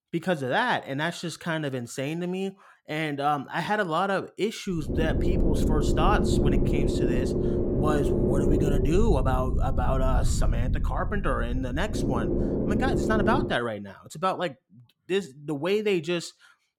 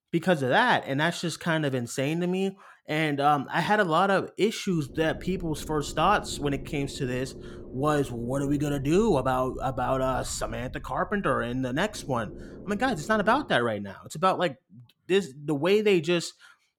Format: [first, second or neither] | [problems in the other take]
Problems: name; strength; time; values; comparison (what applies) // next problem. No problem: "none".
second | low rumble; loud; from 5 to 13 s; 3 dB below the speech; faint in the second